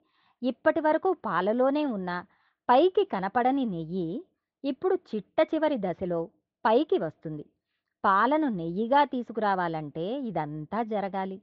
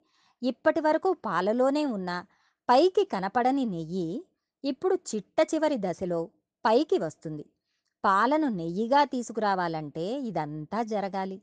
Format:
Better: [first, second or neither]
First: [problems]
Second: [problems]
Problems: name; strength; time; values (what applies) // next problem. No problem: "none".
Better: second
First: muffled; slightly; fading above 3.5 kHz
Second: none